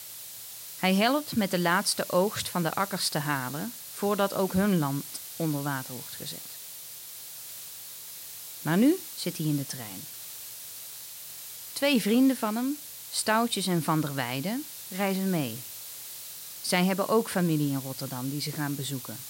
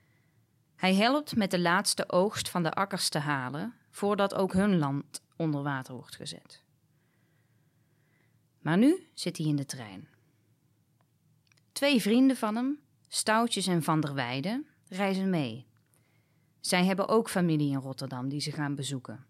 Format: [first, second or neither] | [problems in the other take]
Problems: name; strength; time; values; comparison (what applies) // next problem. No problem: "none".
second | hiss; noticeable; throughout; 10 dB below the speech